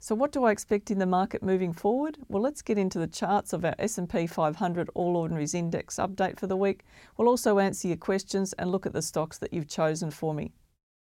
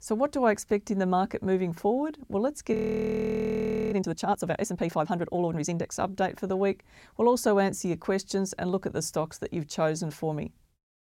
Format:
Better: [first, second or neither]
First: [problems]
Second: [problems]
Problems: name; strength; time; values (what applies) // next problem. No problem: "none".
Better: first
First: none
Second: audio freezing; at 2.5 s for 1 s